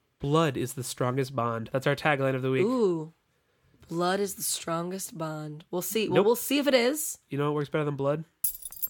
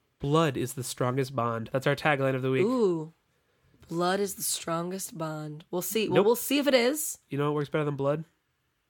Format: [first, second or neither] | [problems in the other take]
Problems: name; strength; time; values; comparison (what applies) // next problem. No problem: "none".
second | jangling keys; noticeable; at 8.5 s; peak 2 dB below the speech